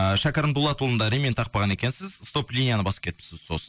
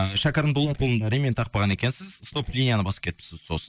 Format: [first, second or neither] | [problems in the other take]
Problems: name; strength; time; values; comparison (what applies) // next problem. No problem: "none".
first | noise reduction (neural mask model DeepFilterNet 3)